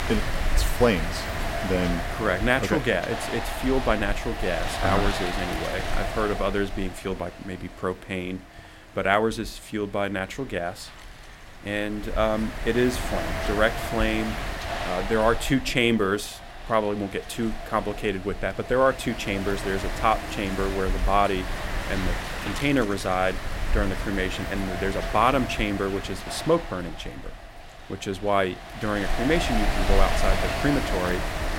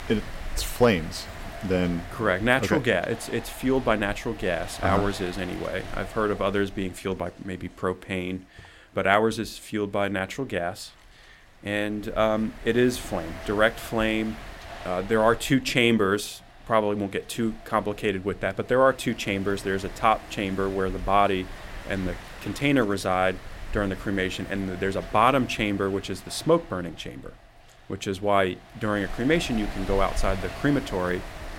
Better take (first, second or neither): second